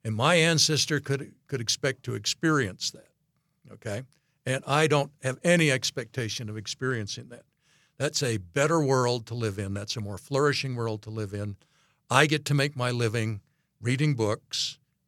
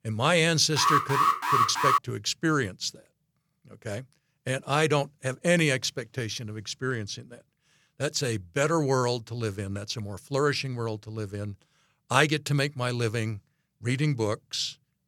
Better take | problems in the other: first | alarm; loud; from 1 to 2 s; peak 5 dB above the speech

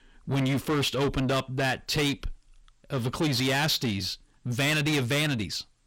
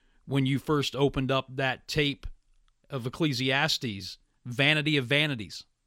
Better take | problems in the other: second | distortion; heavy; 6 dB below the speech

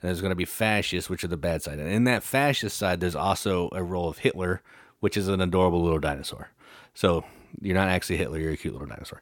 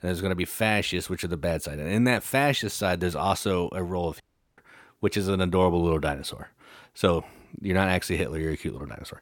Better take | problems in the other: first | audio cutting out; at 4 s

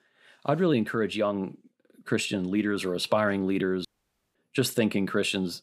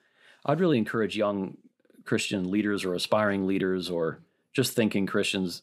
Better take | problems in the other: second | audio cutting out; at 4 s

